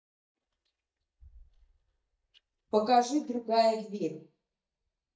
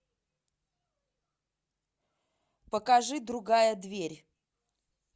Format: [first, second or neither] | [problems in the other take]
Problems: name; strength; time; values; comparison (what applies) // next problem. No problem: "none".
second | noise reduction (neural mask model DeepFilterNet 3)